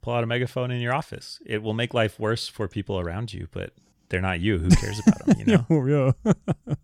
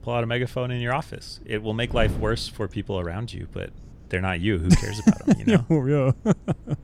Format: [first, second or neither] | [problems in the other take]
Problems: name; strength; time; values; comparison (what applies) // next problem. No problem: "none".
first | wind noise on the microphone; occasional gusts; 20 dB below the speech